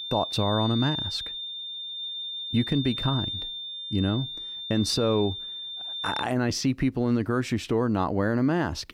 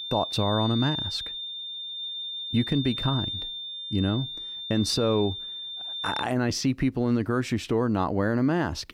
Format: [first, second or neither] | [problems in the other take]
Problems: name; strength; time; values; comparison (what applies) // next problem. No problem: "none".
neither | high-pitched whine; loud; until 6 s; 3.5 kHz, 5 dB below the speech; the same in both